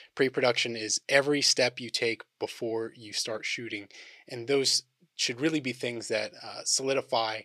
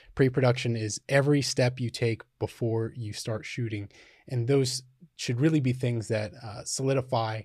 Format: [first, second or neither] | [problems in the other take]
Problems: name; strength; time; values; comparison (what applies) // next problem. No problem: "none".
second | thin; somewhat; fading below 350 Hz